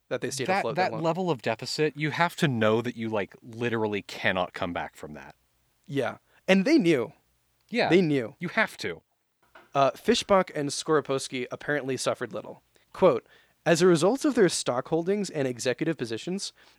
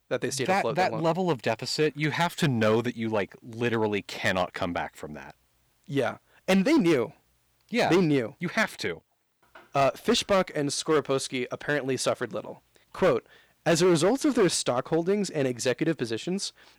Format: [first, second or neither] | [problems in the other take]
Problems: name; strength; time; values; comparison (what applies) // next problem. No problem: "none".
first | distortion; slight; 4% of the sound clipped